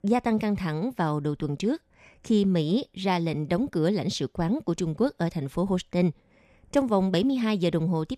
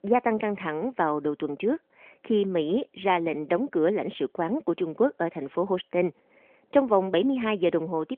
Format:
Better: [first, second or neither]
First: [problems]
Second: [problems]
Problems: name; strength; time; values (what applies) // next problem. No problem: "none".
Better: first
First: none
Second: phone-call audio; nothing above 3.5 kHz